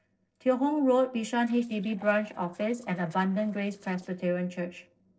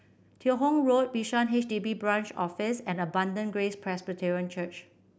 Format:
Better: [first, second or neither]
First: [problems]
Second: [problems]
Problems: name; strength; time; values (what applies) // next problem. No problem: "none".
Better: second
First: noise reduction (neural separator model SepFormer DNS4)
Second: none